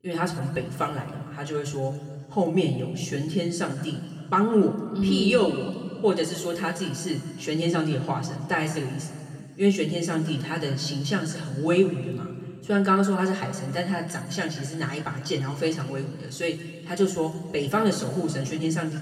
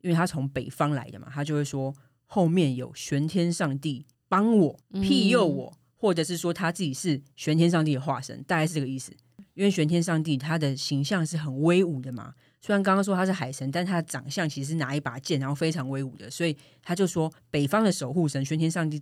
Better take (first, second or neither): second